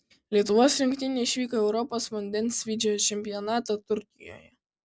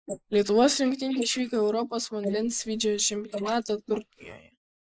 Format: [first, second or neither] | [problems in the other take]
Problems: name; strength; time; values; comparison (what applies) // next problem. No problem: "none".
first | noise reduction (neural mask model Resemble Enhance denoiser)